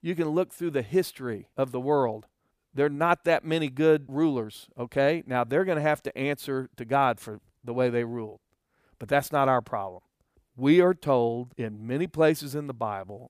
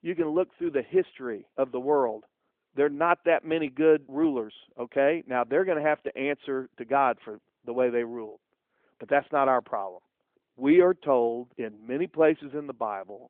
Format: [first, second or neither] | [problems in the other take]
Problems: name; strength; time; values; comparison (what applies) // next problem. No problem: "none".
first | phone-call audio; nothing above 3.5 kHz